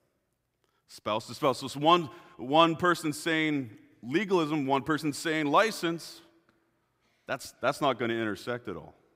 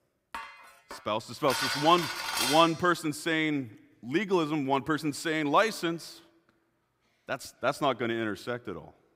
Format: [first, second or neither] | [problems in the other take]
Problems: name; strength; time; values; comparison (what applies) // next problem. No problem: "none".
first | clattering dishes; loud; until 2.5 s; peak level with the speech